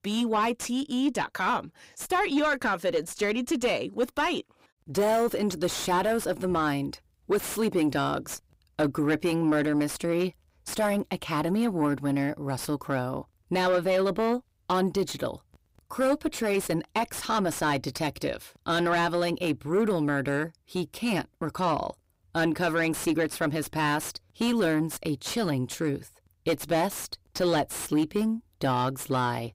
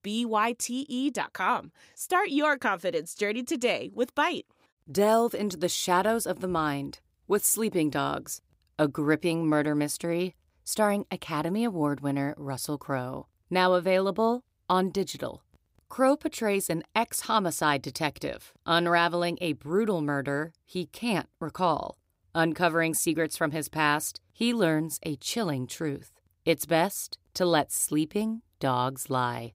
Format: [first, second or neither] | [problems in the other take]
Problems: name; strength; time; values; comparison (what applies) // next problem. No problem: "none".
second | distortion; heavy; 7 dB below the speech